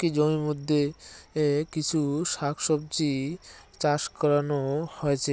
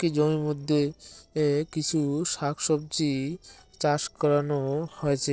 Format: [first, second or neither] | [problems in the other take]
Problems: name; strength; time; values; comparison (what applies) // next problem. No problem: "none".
first | noise reduction (neural separator model SepFormer DNS4)